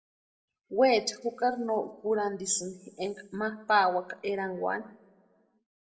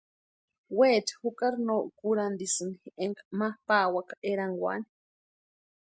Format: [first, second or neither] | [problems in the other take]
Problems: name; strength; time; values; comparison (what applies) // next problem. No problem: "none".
second | room echo; dies away in 0.6 s